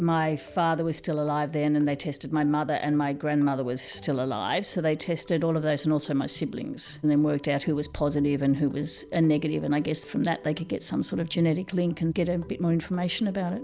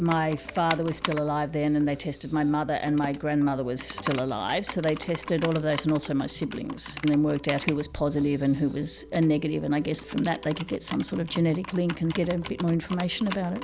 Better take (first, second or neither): first